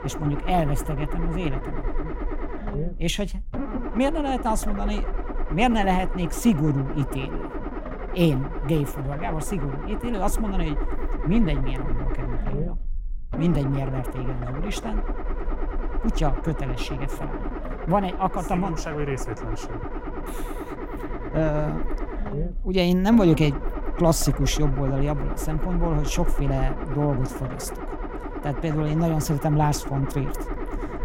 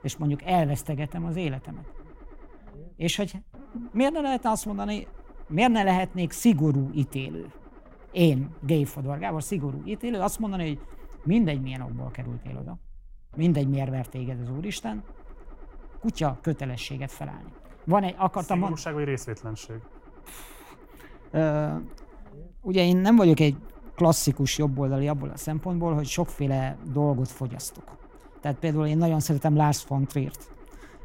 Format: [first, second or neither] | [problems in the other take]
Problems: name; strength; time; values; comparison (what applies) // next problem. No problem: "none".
second | low rumble; loud; throughout; 7 dB below the speech; faint in the second